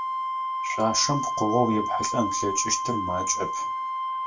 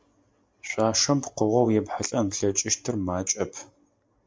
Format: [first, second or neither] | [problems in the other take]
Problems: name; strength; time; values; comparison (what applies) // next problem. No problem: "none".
second | background sound (Wind instrument, woodwind instrument); 1 dB below the speech // room echo; dies away in 0.2 s